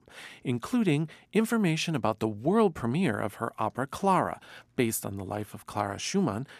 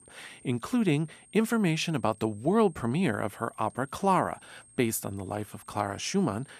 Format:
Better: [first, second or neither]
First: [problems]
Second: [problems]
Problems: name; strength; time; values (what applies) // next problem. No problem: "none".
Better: first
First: none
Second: high-pitched whine; faint; throughout; 8.5 kHz, 25 dB below the speech